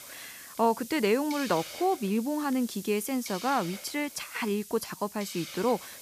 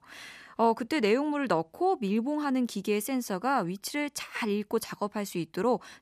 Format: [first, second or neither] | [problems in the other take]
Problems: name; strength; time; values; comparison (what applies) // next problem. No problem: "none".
second | hiss; noticeable; throughout; 10 dB below the speech